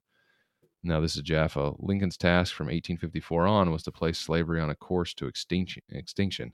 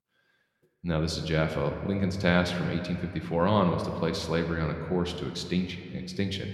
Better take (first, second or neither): first